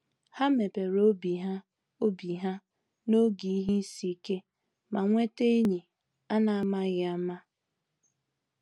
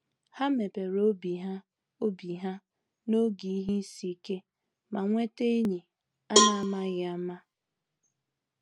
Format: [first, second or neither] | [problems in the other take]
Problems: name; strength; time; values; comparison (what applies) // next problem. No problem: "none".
first | background sound (Cowbell); 2 dB above the speech